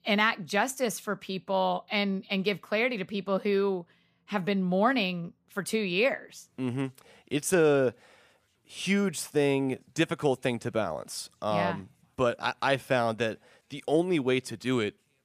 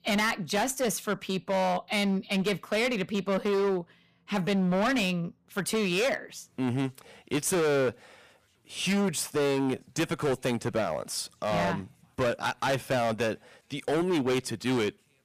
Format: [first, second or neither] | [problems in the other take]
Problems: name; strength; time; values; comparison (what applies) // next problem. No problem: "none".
first | distortion; heavy; 18% of the sound clipped